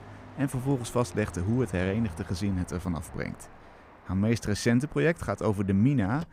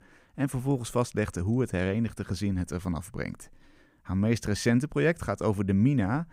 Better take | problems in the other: second | traffic noise; noticeable; throughout; 20 dB below the speech

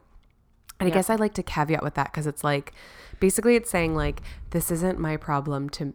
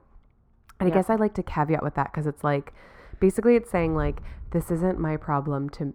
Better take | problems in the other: first | muffled; slightly; fading above 2.5 kHz

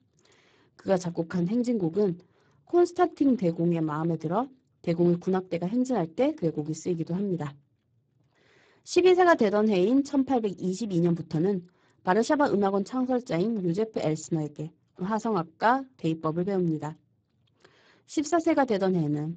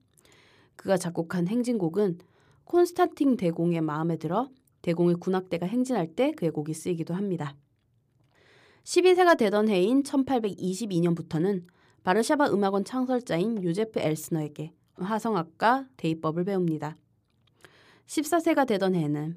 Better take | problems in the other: second | garbled, watery; badly; nothing above 7.5 kHz

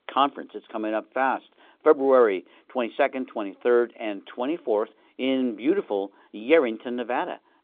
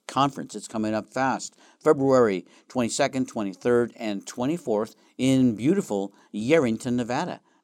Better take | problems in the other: second | phone-call audio; nothing above 3.5 kHz

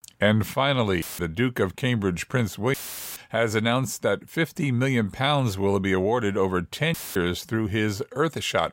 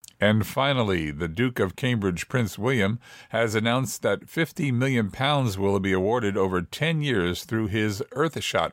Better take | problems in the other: second | audio cutting out; filled with static; at 1 s, at 2.5 s and at 7 s

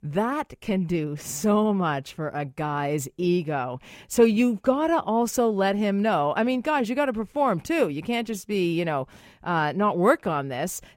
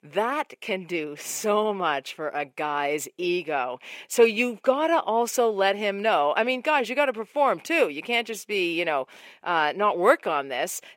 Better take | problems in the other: first | thin; somewhat; fading below 450 Hz

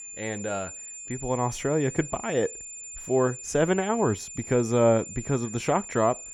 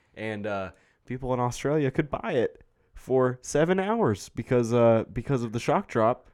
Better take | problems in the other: second | high-pitched whine; noticeable; throughout; 7 kHz, 10 dB below the speech

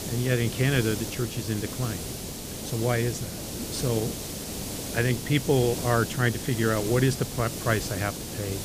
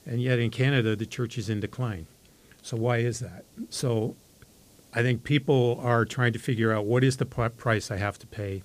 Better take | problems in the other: second | hiss; loud; throughout; 6 dB below the speech; faint in the second

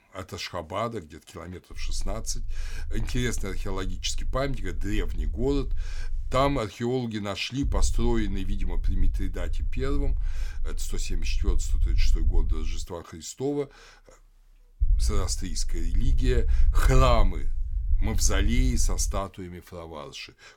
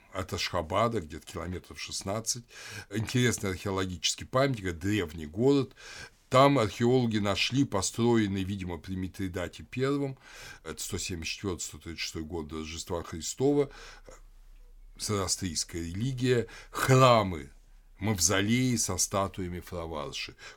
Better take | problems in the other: second | low rumble; faint; from 1.5 to 6.5 s, from 7.5 to 13 s and from 15 to 19 s; 20 dB below the speech

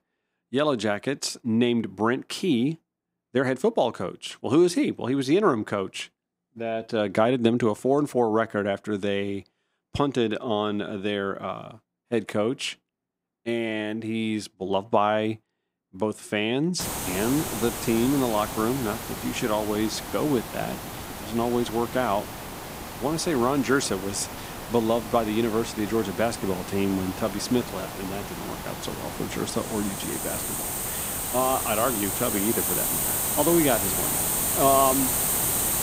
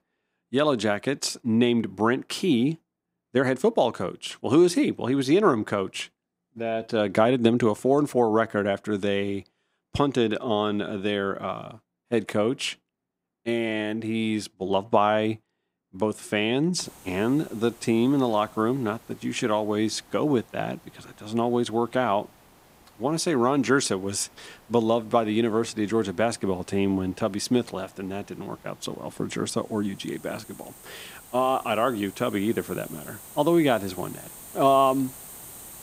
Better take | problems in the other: second | hiss; loud; from 17 s on; 2 dB below the speech; faint in the second

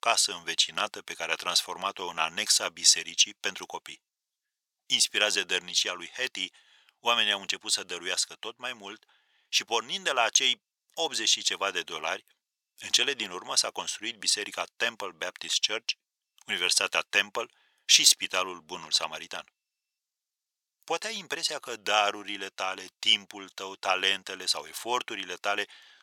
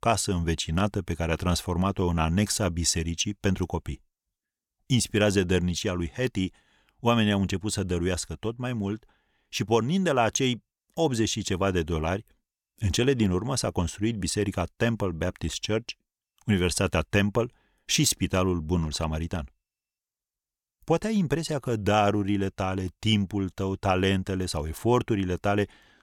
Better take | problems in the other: second | thin; very; fading below 800 Hz

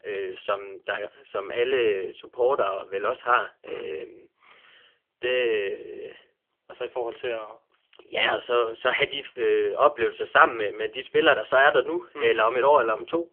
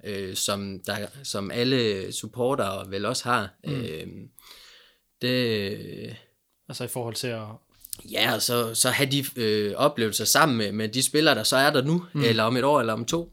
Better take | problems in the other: second | phone-call audio; poor line; nothing above 3 kHz

